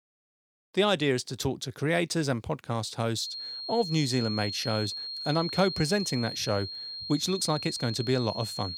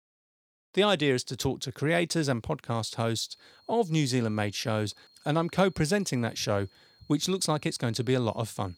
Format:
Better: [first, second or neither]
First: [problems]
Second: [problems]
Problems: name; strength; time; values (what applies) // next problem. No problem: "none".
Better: second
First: high-pitched whine; loud; from 3 s on; 4 kHz, 6 dB below the speech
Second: high-pitched whine; faint; from 3 s on; 4 kHz, 30 dB below the speech